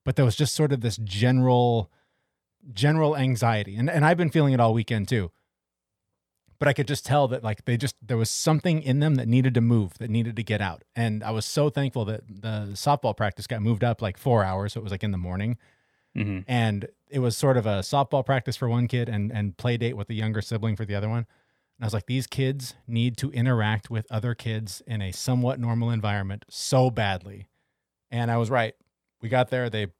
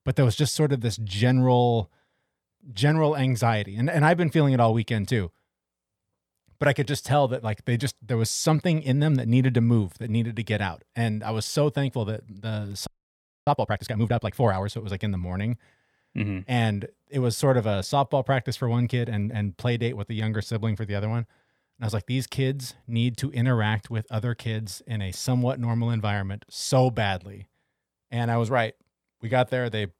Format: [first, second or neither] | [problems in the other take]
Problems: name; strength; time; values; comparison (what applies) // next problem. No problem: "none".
first | audio freezing; at 13 s for 0.5 s